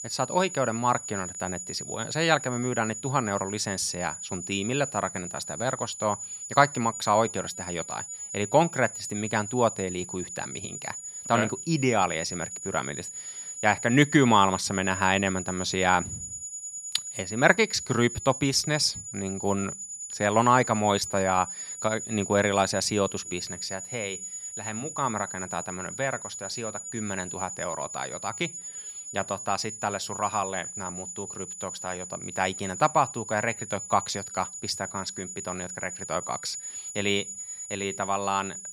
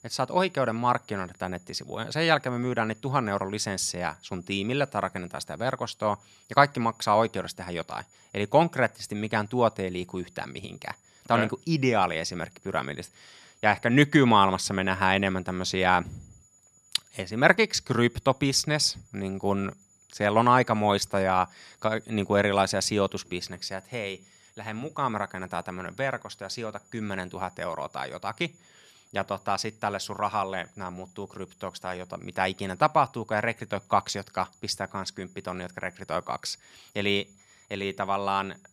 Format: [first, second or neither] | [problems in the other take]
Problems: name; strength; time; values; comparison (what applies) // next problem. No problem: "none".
second | high-pitched whine; loud; throughout; 7 kHz, 8 dB below the speech; faint in the second